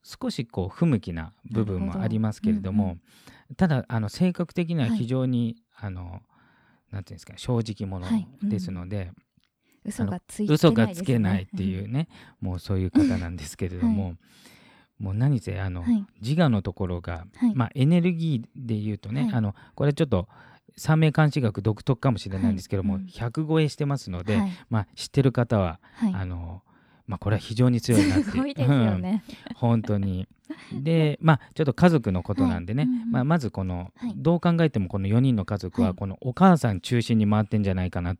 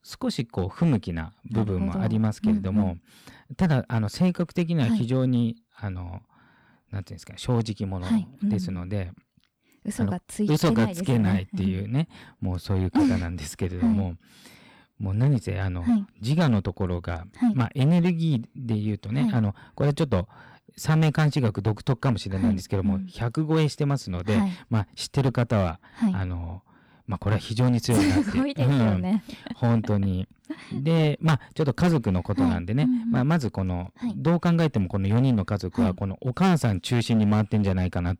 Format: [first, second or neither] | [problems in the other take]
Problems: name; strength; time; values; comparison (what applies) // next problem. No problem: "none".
first | distortion; slight; 6% of the sound clipped